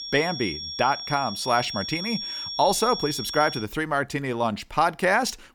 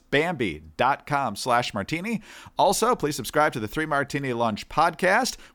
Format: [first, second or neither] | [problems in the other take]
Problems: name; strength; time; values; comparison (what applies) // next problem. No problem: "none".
second | high-pitched whine; loud; until 3.5 s; 5.5 kHz, 6 dB below the speech